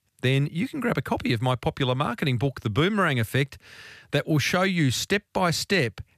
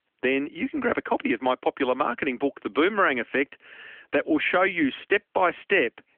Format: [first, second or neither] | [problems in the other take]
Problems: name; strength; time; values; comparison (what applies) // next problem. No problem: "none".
first | phone-call audio; nothing above 3.5 kHz